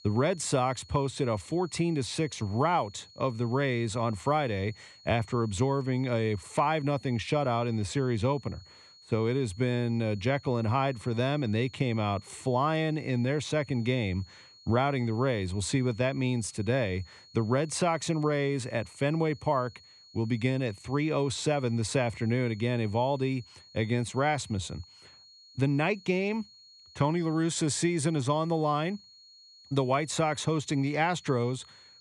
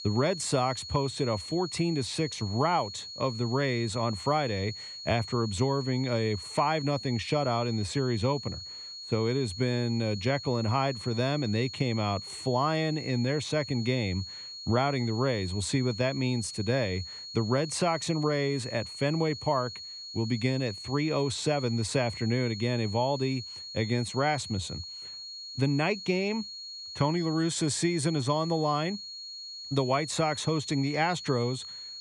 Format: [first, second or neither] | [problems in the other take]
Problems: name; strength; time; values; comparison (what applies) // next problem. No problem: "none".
first | high-pitched whine; loud; throughout; 4.5 kHz, 10 dB below the speech; faint in the first